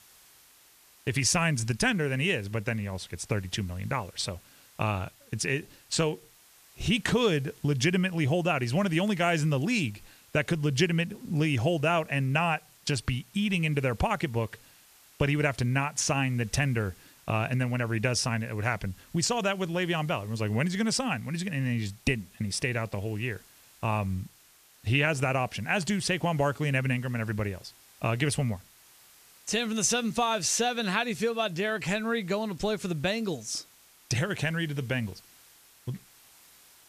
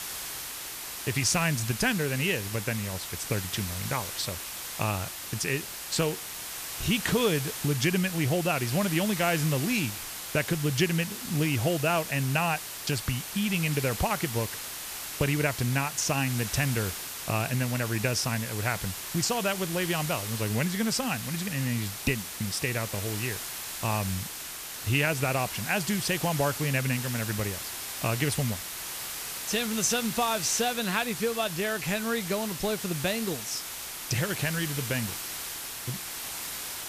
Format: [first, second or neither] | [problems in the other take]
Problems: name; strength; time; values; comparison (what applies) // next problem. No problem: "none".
first | hiss; loud; throughout; 6 dB below the speech; faint in the first